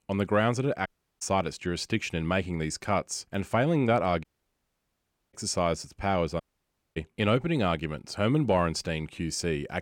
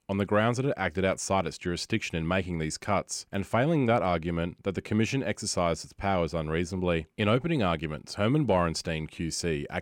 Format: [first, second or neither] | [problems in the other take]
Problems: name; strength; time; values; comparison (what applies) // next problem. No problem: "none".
second | audio cutting out; at 1 s, at 4 s for 1 s and at 6.5 s for 0.5 s